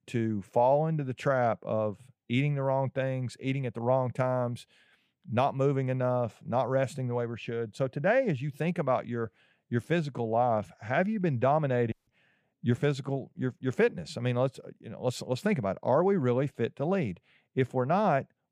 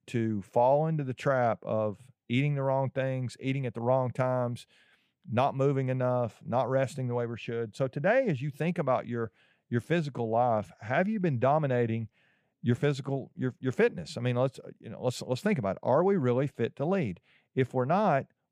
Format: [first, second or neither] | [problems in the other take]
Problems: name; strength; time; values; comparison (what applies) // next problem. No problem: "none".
second | audio cutting out; at 12 s